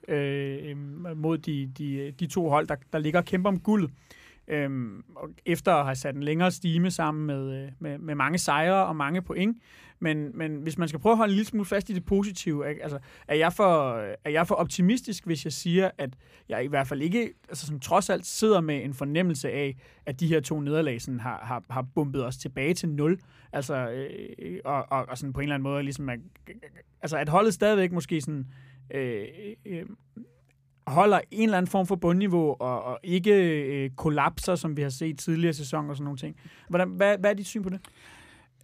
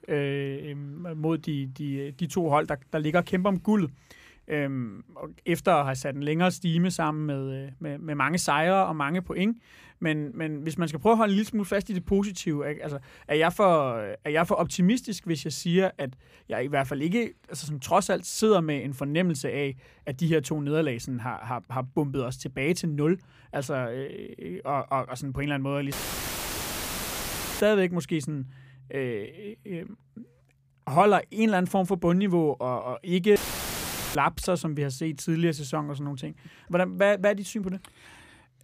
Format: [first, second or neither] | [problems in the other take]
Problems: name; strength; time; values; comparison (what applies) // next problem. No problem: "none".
first | audio cutting out; filled with static; at 26 s for 1.5 s and at 33 s for 1 s